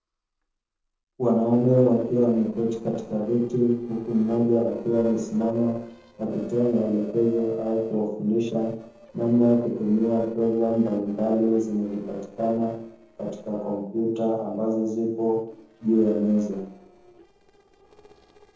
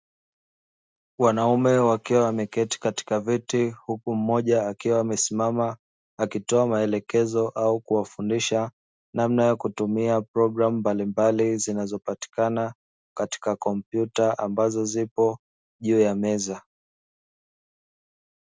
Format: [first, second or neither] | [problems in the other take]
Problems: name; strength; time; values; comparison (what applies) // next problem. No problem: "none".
second | noise reduction (neural separator model SepFormer DNS4)